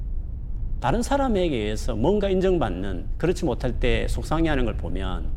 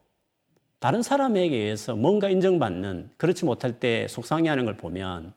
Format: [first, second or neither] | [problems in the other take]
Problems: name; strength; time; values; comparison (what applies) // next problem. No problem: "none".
second | low rumble; faint; throughout; 25 dB below the speech